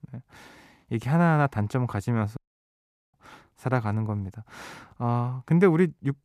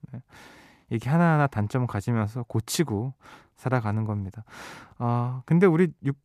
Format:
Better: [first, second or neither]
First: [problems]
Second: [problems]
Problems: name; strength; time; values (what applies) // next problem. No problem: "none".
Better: second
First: audio cutting out; at 2.5 s for 1 s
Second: none